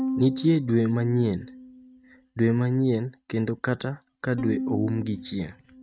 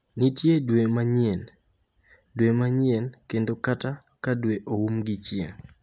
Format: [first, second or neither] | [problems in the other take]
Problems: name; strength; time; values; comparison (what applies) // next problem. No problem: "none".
second | noise reduction (neural mask model RNNoise)